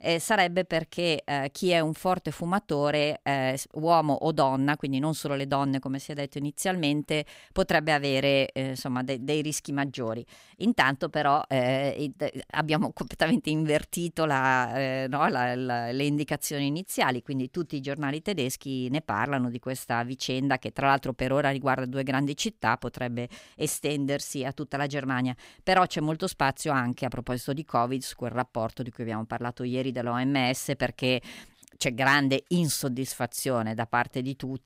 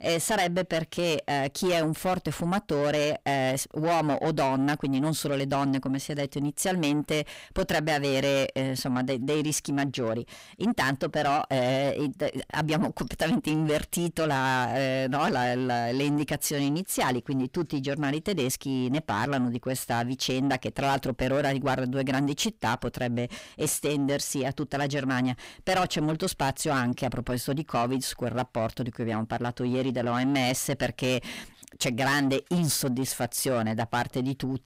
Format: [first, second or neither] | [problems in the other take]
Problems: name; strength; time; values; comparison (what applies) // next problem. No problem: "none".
first | distortion; heavy; 7 dB below the speech